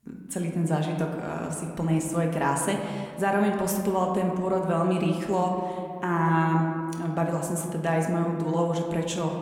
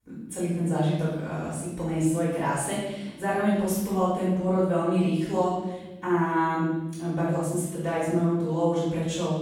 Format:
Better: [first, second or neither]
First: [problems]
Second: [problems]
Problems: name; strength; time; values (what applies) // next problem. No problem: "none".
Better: first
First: room echo; slight; dies away in 1.9 s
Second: room echo; strong; dies away in 1.1 s // off-mic speech; far